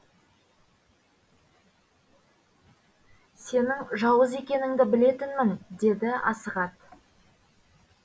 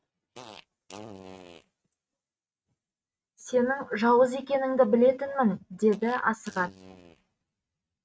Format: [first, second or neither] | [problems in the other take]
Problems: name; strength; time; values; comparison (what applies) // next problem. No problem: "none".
first | noise reduction (neural mask model RNNoise)